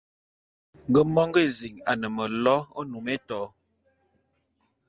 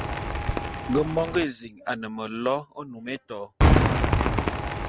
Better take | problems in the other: first | background sound (Cheering / Fireworks); 5 dB above the speech

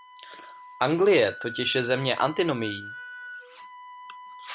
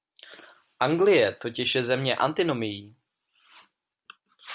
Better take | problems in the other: second | background sound (Wind instrument, woodwind instrument); 14 dB below the speech

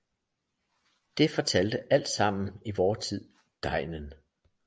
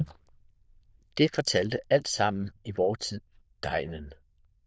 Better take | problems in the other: first | noise reduction (neural diffusion model UNIVERSE++)

